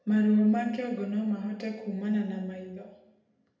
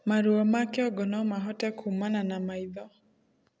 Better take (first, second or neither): second